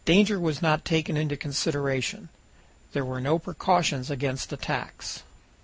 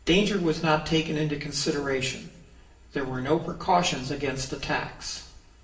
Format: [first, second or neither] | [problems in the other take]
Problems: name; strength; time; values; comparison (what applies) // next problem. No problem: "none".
first | room echo; dies away in 0.6 s